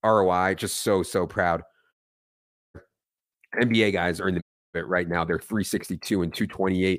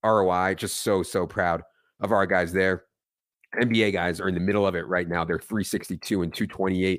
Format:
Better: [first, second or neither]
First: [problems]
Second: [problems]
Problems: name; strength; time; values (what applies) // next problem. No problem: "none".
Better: second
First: audio cutting out; at 2 s for 1 s and at 4.5 s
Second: none